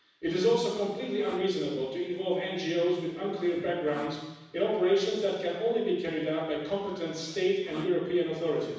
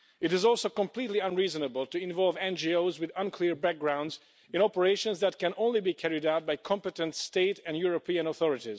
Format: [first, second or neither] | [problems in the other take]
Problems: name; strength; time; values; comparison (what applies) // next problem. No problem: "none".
second | background sound (Sawing); 19 dB below the speech // room echo; dies away in 1.1 s